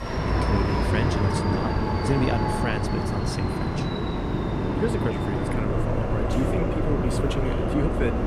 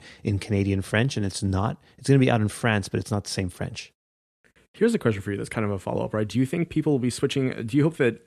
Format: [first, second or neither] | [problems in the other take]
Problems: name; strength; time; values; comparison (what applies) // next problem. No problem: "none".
second | train or aircraft noise; very loud; throughout; 5 dB above the speech